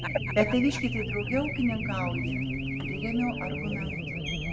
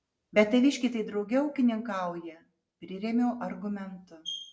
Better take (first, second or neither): second